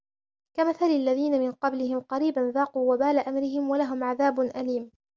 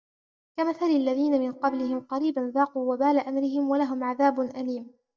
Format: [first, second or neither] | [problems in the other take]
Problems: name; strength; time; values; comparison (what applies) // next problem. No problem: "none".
first | noise reduction (neural mask model DeepFilterNet 3)